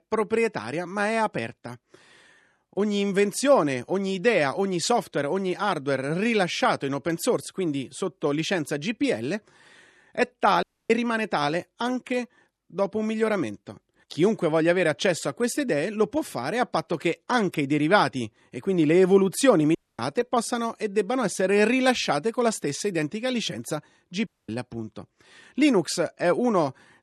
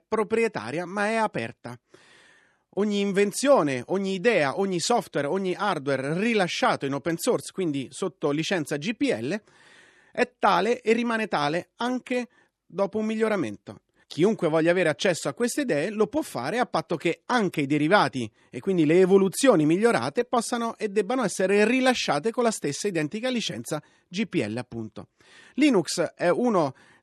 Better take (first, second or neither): second